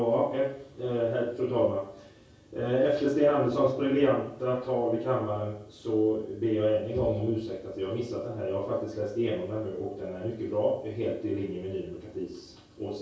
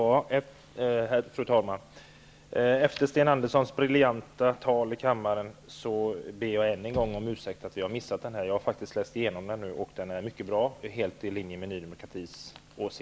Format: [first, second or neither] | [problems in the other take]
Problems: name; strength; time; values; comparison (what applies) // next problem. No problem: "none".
second | room echo; dies away in 0.6 s